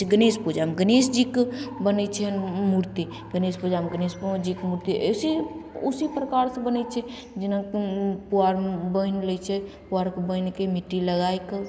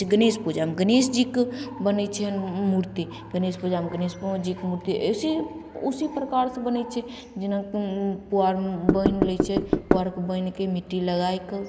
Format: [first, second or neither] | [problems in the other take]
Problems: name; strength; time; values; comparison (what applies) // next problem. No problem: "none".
first | background sound (Knock / Wood); 2 dB above the speech